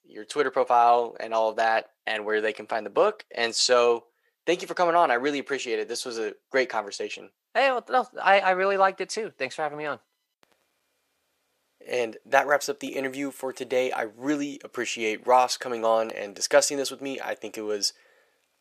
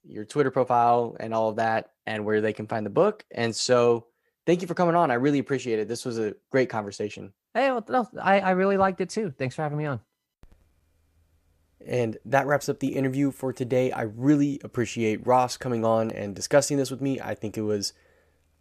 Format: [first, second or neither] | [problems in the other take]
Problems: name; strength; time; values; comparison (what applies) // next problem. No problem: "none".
second | thin; somewhat; fading below 500 Hz